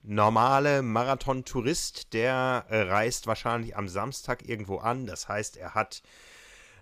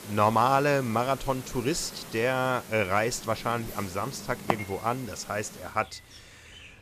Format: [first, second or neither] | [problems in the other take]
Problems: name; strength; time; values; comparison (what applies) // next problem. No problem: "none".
first | animal sounds; noticeable; throughout; 10 dB below the speech